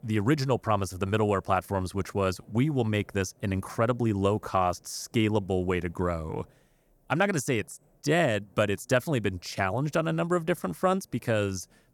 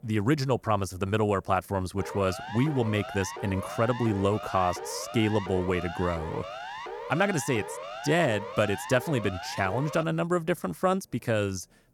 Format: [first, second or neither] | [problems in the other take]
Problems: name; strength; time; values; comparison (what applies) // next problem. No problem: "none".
first | siren; noticeable; from 2 to 10 s; peak 9 dB below the speech